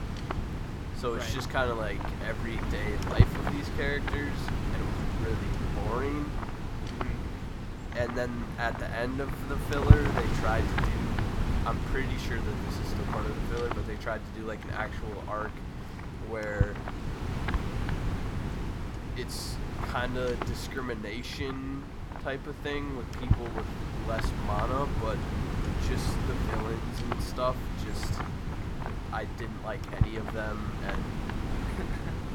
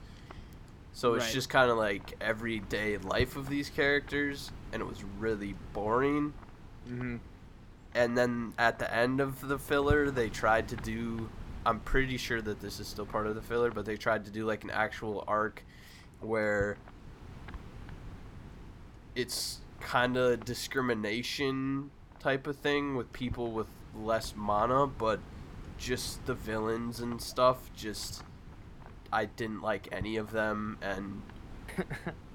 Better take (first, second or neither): second